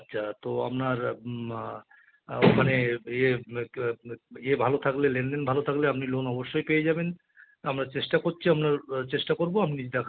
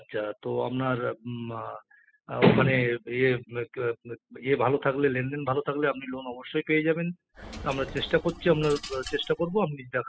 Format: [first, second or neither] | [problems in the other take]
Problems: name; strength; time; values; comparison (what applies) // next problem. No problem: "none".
first | noise reduction (classical method spectral subtraction)